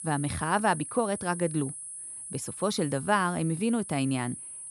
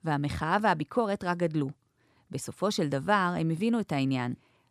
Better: second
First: high-pitched whine; loud; throughout; 10 kHz, 9 dB below the speech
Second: none

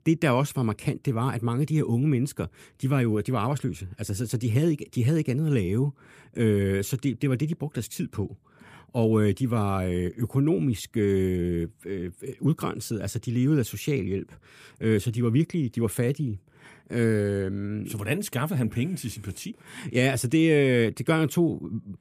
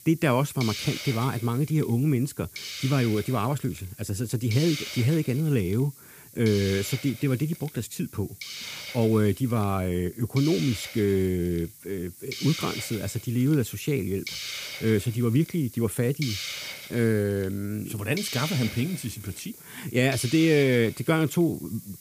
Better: first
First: none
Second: hiss; noticeable; throughout; 10 dB below the speech

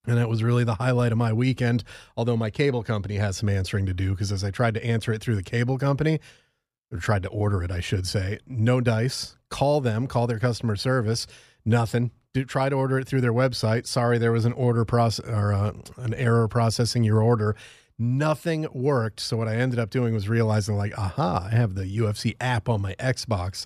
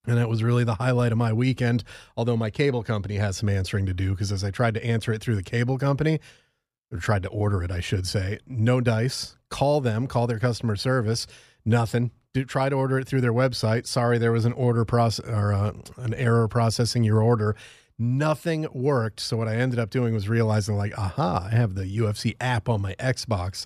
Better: neither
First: none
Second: none

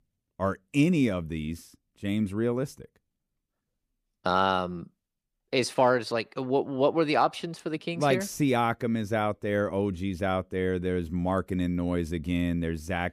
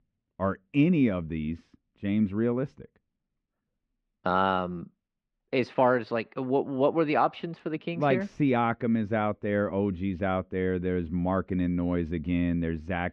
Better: first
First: none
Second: muffled; slightly; fading above 3 kHz

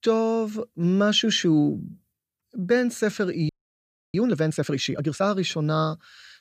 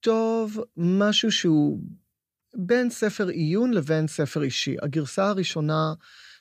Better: second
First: audio freezing; at 3.5 s for 0.5 s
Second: none

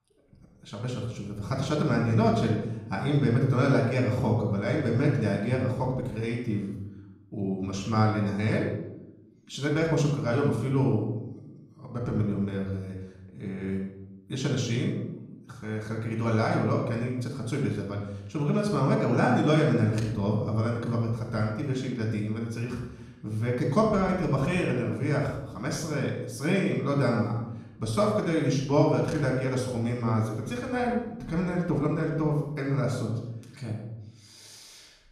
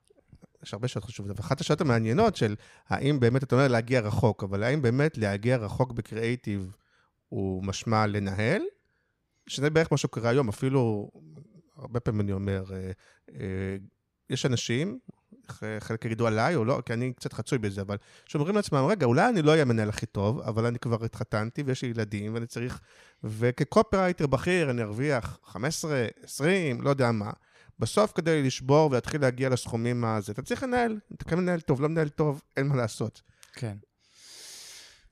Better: second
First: off-mic speech; far // room echo; noticeable; dies away in 0.8 s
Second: none

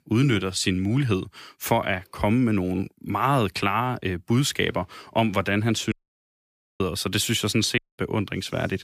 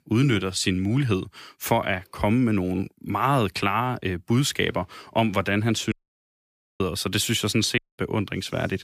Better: neither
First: audio cutting out; at 6 s for 1 s and at 8 s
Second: audio cutting out; at 6 s for 1 s and at 8 s

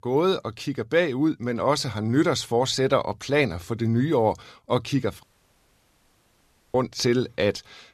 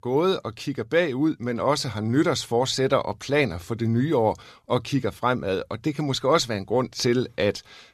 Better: second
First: audio cutting out; at 5 s for 1.5 s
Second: none

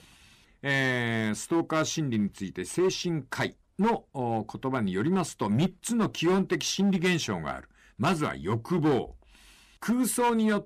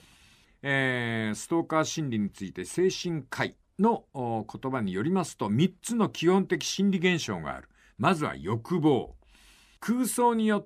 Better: second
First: distortion; slight; 6% of the sound clipped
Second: none

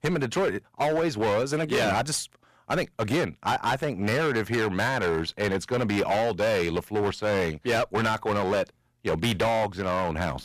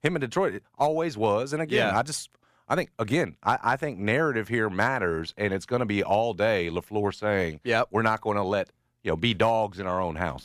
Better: second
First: distortion; heavy; 17% of the sound clipped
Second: none

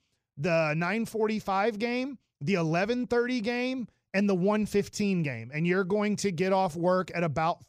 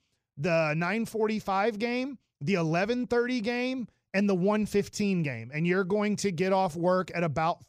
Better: neither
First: none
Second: none

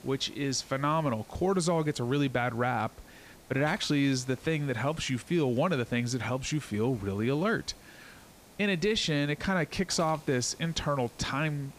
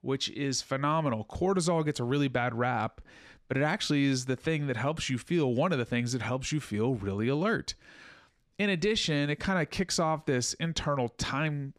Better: second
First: hiss; faint; throughout; 25 dB below the speech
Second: none

